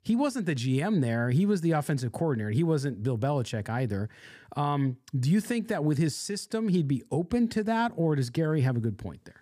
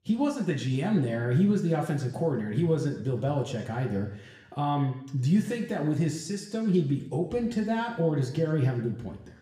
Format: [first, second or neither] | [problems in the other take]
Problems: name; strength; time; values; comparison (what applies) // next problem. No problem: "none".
first | room echo; slight; dies away in 0.8 s // off-mic speech; somewhat distant